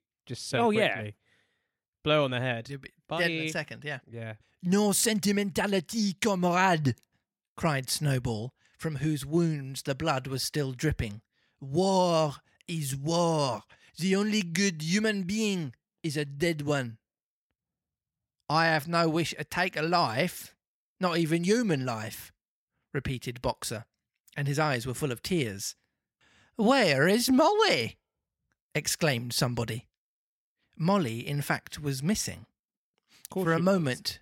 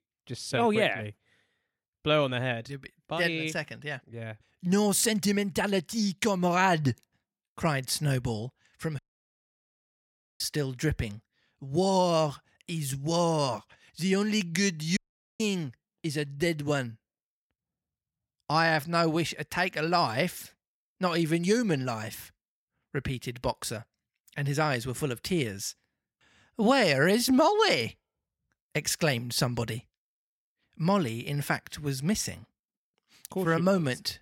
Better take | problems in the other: first | audio cutting out; at 9 s for 1.5 s and at 15 s

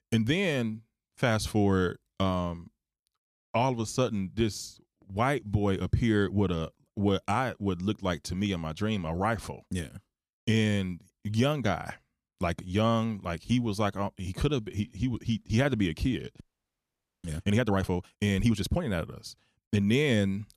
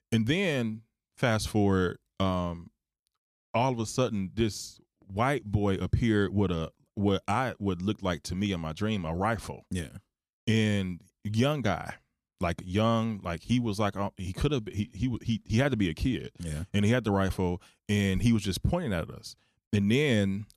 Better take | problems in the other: second | audio freezing; at 16 s for 1 s

